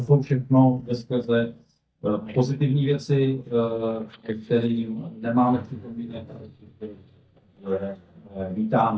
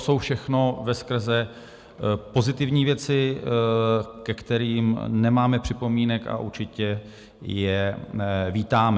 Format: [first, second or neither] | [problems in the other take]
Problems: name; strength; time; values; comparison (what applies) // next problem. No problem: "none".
second | noise reduction (neural mask model DeepFilterNet 3)